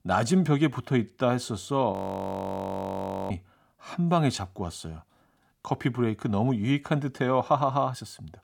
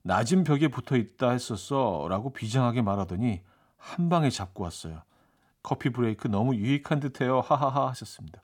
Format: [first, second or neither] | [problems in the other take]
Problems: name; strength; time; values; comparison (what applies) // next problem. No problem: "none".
second | audio freezing; at 2 s for 1.5 s